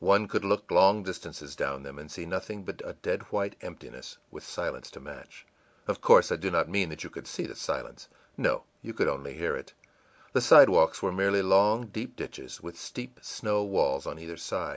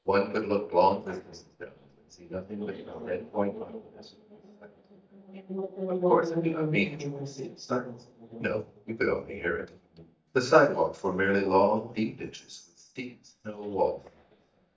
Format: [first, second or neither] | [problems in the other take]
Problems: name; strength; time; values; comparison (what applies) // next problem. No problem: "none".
first | noise reduction (neural mask model DeepFilterNet 3)